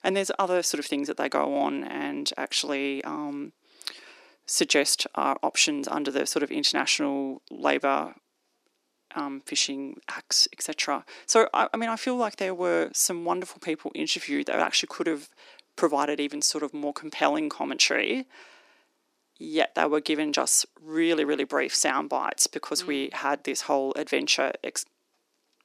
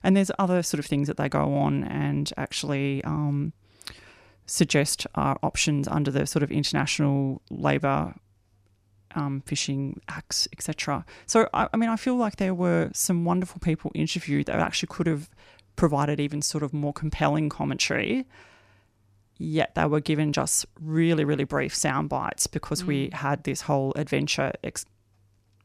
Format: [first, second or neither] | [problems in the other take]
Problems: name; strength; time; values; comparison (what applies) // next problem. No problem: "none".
second | thin; somewhat; fading below 300 Hz